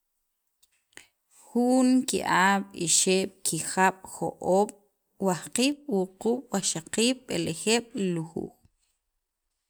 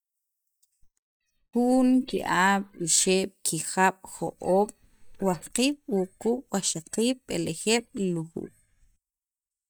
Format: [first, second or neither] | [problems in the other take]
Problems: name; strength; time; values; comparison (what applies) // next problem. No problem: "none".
first | noise reduction (neural mask model DeepFilterNet 3)